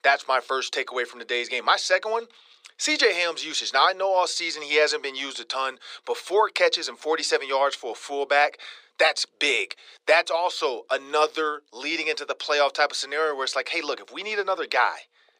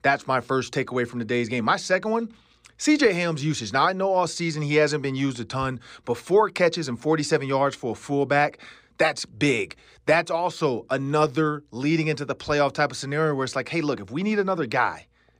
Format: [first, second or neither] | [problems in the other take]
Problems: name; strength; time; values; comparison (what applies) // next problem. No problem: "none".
second | thin; very; fading below 450 Hz